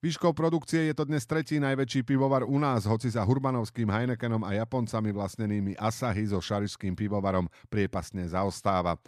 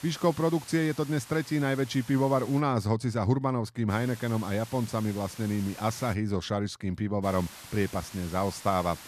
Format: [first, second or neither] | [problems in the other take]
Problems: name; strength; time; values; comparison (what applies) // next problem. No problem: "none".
first | hiss; noticeable; until 2.5 s, from 4 to 6 s and from 7 s on; 15 dB below the speech